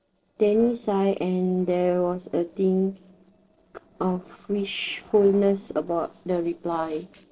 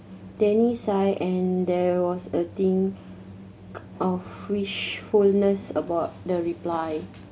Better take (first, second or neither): second